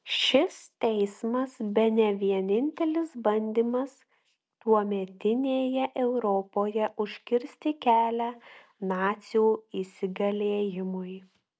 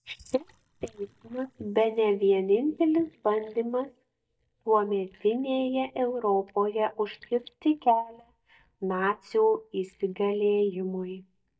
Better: first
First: none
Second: noise reduction (neural mask model DeepFilterNet 3)

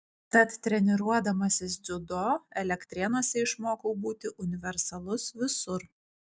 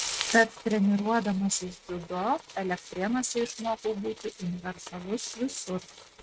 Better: first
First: none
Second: noise reduction (neural mask model RNNoise)

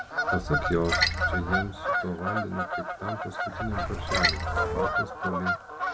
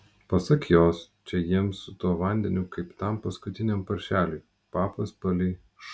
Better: second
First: background sound (Bird vocalization, bird call, bird song / Fowl + Splash, splatter); 5 dB above the speech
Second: none

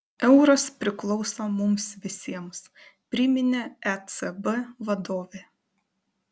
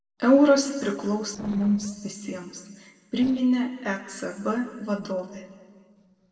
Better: first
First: none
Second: noise reduction (neural separator model SepFormer DNS4)

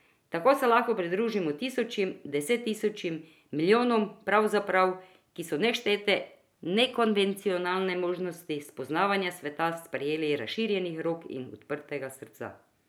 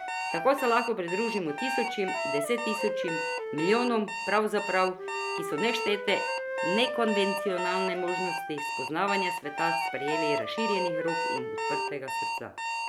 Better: first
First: none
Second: background sound (Wind instrument, woodwind instrument + Alarm); 2 dB below the speech

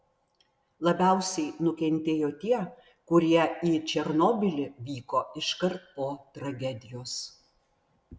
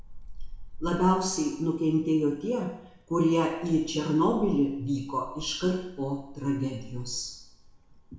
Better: first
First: none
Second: background sound (Wind); 14 dB below the speech // room echo; dies away in 0.6 s

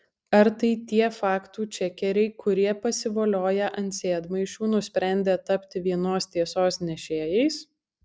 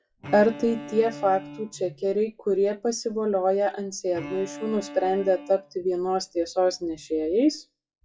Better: first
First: none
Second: noise reduction (classical method WPE with log-MMSE)

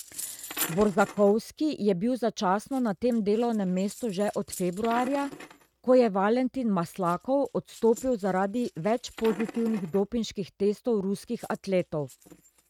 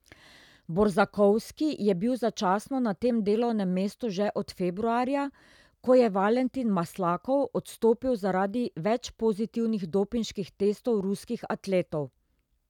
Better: second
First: noise reduction (neural mask model RNNoise)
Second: none

